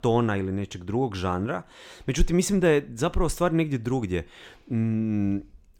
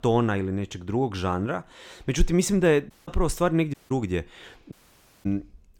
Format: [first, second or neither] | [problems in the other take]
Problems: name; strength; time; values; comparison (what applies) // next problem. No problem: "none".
first | audio cutting out; at 3 s, at 3.5 s and at 4.5 s for 0.5 s